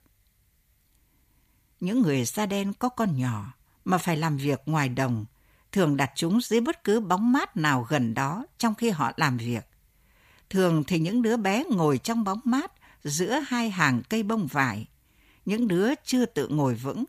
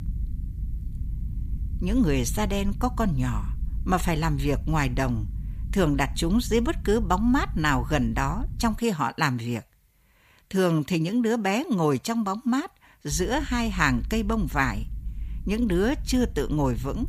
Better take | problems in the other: first | low rumble; faint; until 9 s and from 13 s on; 25 dB below the speech

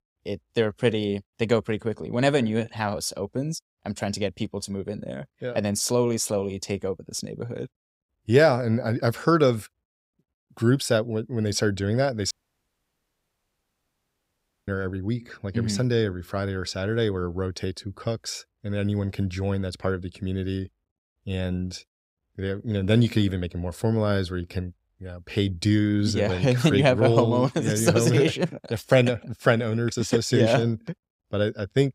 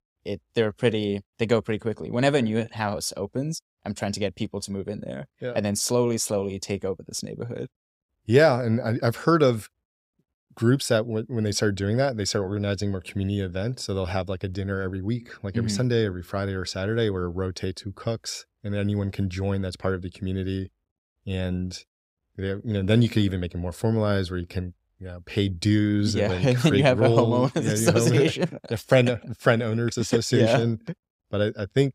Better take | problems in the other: second | audio cutting out; at 12 s for 2.5 s

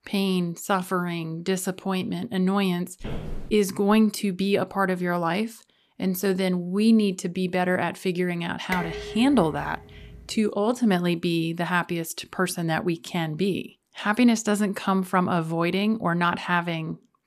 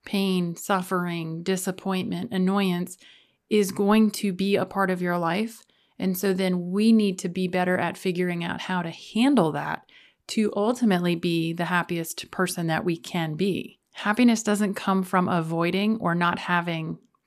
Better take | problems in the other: second | footsteps; faint; at 3 s; peak 10 dB below the speech // clattering dishes; noticeable; from 8.5 to 10 s; peak 7 dB below the speech

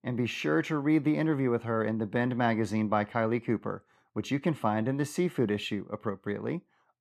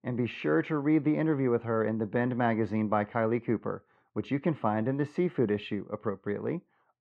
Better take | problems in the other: first | muffled; slightly; fading above 2.5 kHz

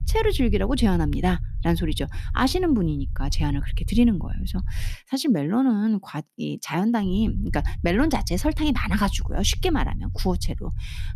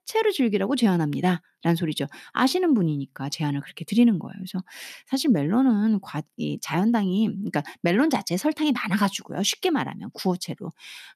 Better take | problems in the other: second | low rumble; faint; until 5 s and from 7 s on; 20 dB below the speech

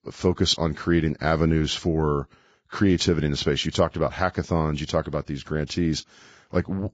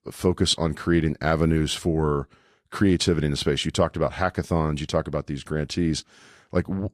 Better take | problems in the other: second | garbled, watery; badly; nothing above 7.5 kHz; slightly in the second

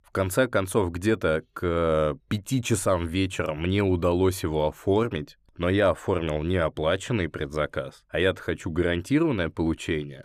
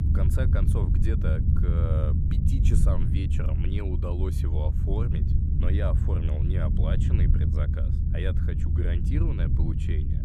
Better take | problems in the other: first | low rumble; loud; throughout; 1 dB below the speech

